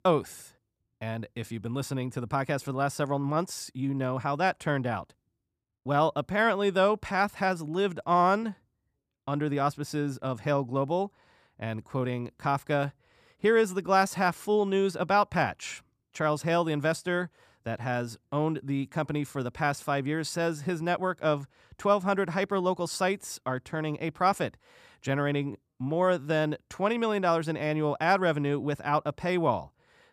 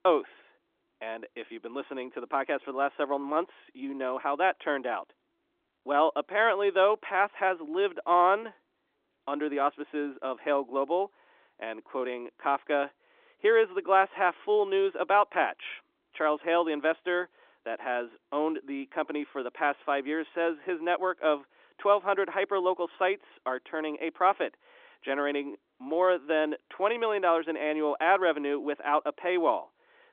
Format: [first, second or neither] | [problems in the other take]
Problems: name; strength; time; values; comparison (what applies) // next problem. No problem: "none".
first | phone-call audio; nothing above 3.5 kHz